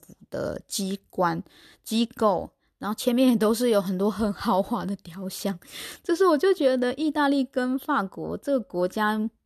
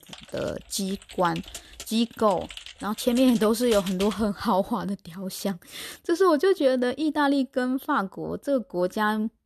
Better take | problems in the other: first | keyboard typing; noticeable; until 4 s; peak 8 dB below the speech

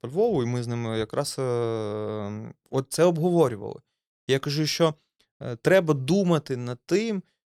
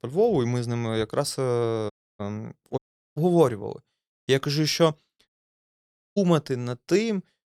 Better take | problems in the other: first | audio cutting out; at 2 s, at 3 s and at 5.5 s for 1 s

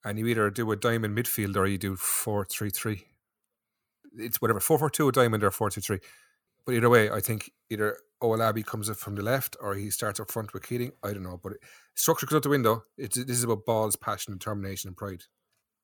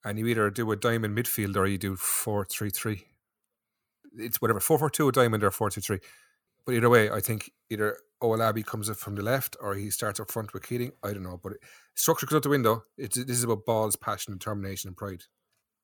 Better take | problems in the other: neither | none

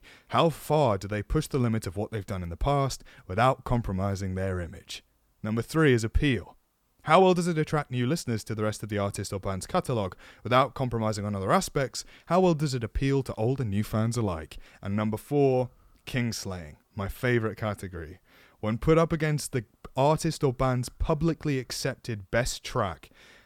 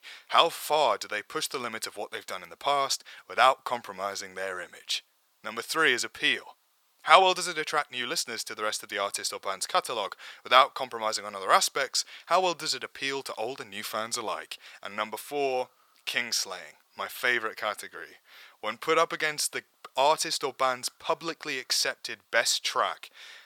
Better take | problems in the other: first | thin; very; fading below 800 Hz

